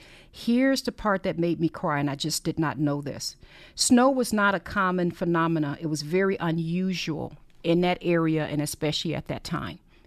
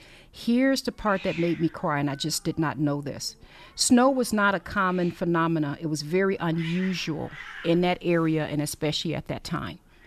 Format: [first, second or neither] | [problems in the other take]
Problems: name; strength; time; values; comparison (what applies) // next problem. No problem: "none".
first | hiss; noticeable; throughout; 15 dB below the speech